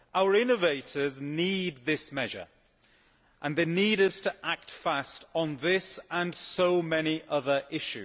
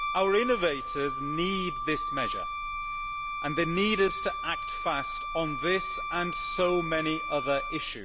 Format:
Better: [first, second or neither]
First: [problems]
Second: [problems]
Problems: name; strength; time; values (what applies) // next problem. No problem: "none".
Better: first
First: none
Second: background sound (Wind instrument, woodwind instrument); 3 dB below the speech